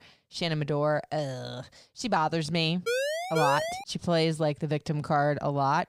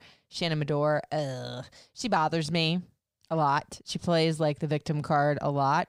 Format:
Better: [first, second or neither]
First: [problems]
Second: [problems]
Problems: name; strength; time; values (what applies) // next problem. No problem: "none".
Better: second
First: siren; noticeable; at 3 s; peak level with the speech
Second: none